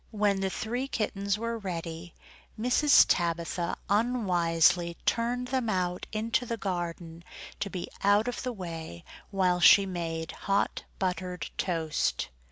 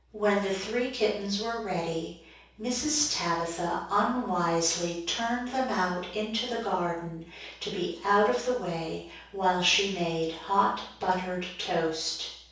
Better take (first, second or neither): first